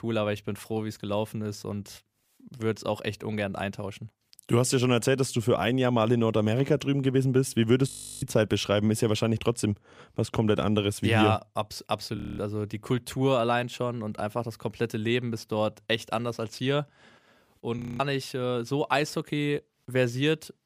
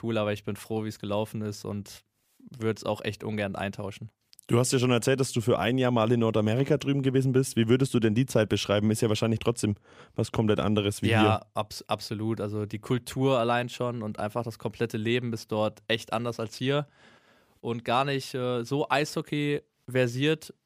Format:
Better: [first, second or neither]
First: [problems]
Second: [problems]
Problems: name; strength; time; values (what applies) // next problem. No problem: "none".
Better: second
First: audio freezing; at 8 s, at 12 s and at 18 s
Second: none